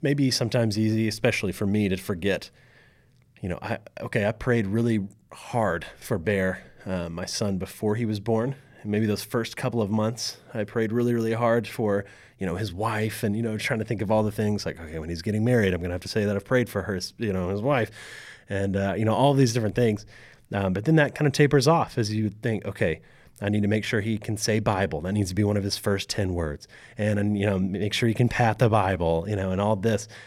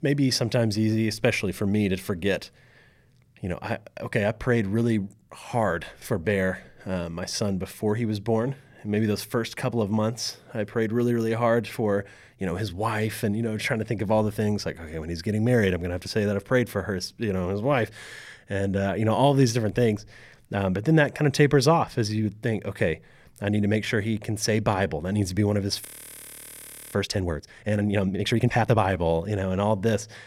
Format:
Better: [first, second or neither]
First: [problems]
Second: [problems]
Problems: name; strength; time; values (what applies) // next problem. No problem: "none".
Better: first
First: none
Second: audio freezing; at 26 s for 1 s